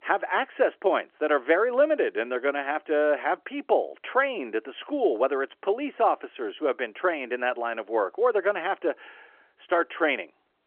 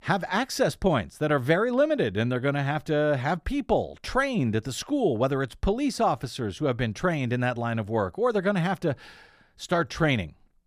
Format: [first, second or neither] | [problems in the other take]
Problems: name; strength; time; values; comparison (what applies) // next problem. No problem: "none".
second | phone-call audio